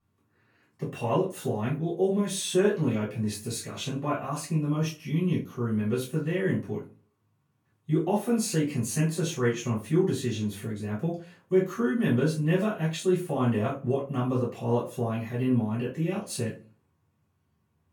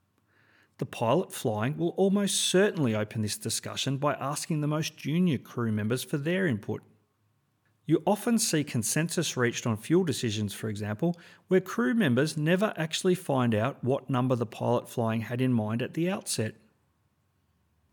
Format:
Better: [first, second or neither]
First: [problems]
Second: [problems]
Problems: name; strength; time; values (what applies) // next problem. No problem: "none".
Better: second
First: off-mic speech; far // room echo; slight; dies away in 0.3 s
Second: none